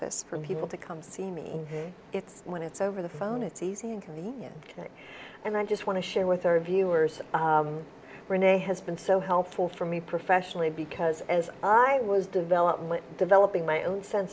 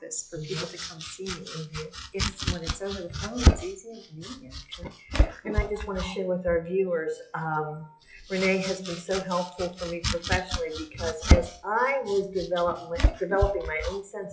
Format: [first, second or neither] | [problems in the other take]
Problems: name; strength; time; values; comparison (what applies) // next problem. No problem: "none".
first | noise reduction (classical method WPE with log-MMSE)